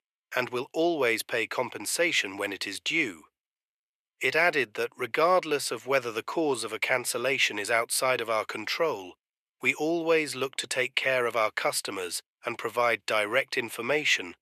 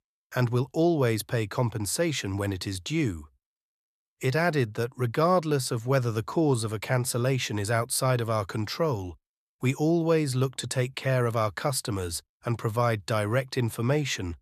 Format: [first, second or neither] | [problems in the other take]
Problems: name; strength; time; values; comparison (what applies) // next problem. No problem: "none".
second | thin; very; fading below 450 Hz